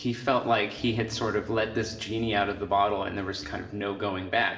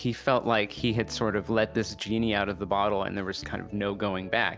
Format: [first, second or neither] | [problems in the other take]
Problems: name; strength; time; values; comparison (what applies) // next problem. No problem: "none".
second | room echo; dies away in 0.8 s